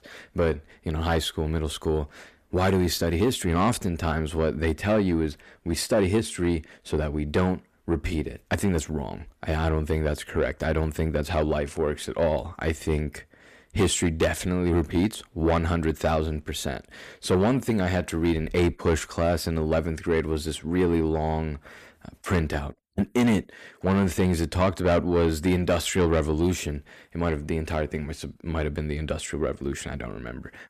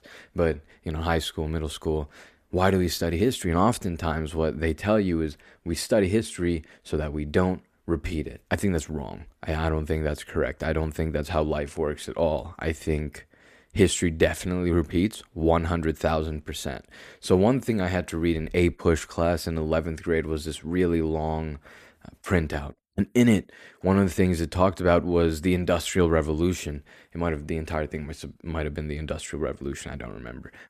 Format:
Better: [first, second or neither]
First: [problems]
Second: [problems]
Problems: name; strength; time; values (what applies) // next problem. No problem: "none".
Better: second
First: distortion; slight; 10 dB below the speech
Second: none